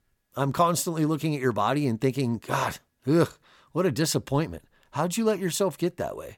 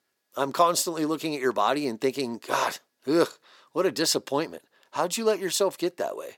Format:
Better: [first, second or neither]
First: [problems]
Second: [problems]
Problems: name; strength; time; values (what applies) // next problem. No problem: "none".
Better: first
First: none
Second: thin; somewhat; fading below 400 Hz